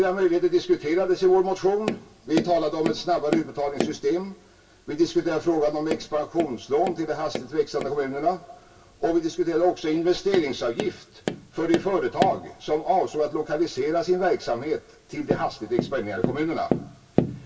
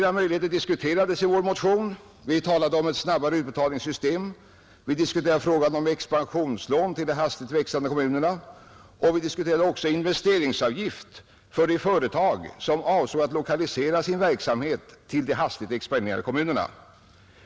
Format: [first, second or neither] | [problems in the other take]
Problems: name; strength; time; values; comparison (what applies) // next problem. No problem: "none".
second | background sound (Tap); 9 dB below the speech // room echo; dies away in 0.1 s